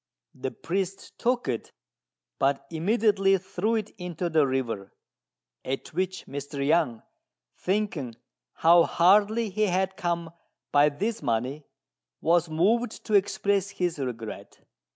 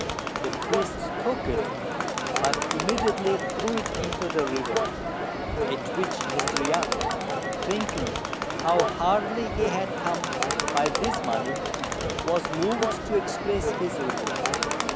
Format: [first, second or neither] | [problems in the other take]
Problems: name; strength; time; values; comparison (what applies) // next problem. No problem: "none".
first | background sound (Crowd); 2 dB above the speech